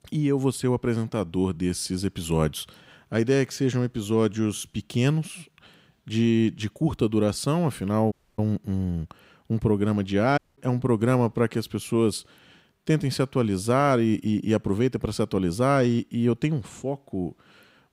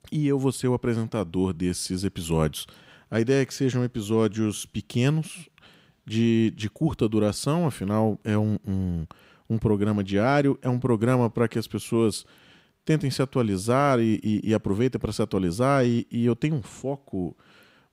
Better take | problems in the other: second | audio cutting out; at 8 s and at 10 s

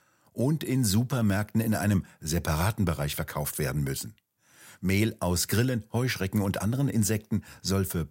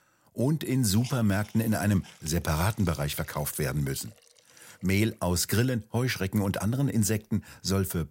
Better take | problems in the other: first | hiss; faint; throughout; 20 dB below the speech

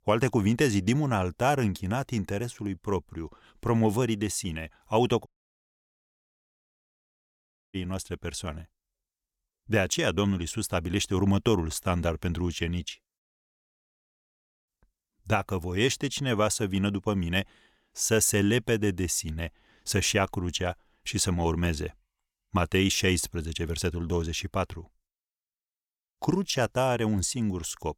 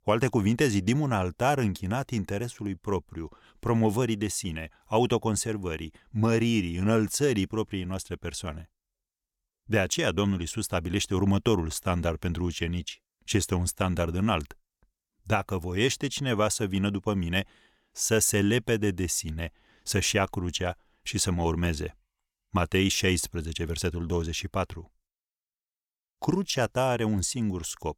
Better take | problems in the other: second | audio cutting out; at 5.5 s for 2.5 s and at 13 s for 1.5 s

